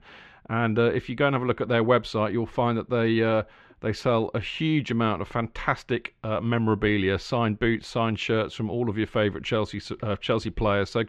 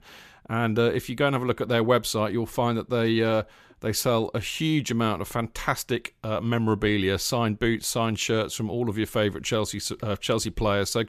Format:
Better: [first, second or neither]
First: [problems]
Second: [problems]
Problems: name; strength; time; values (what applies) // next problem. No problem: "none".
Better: second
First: muffled; slightly; fading above 2.5 kHz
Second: none